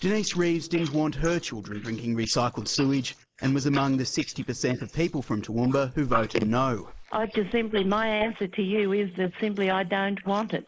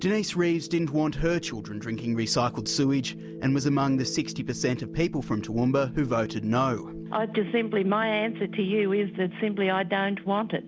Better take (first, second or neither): second